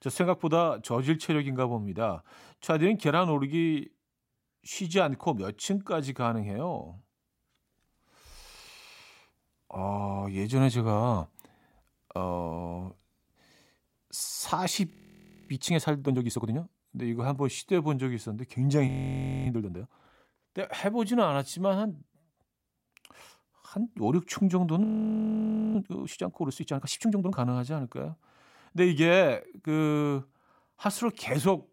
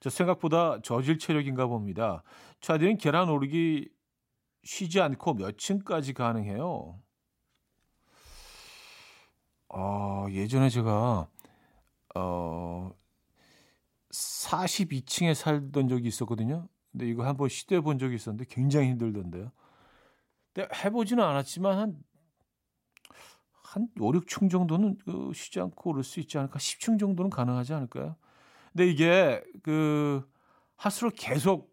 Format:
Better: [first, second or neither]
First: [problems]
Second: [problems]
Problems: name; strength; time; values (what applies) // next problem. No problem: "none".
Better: second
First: audio freezing; at 15 s for 0.5 s, at 19 s for 0.5 s and at 25 s for 1 s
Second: none